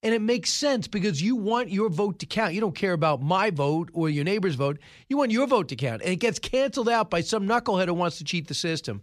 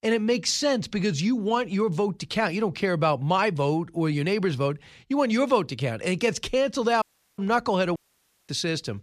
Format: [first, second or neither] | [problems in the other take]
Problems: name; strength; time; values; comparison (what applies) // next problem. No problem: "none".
first | audio cutting out; at 7 s and at 8 s for 0.5 s